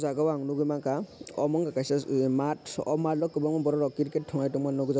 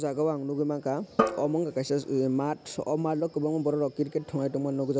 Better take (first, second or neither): first